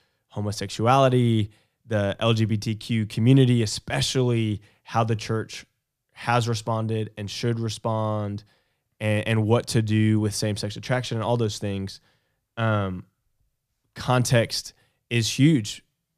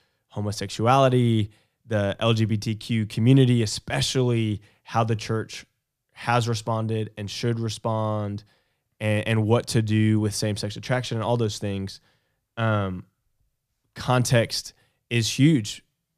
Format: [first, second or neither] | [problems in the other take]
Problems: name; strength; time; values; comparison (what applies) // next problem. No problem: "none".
neither | none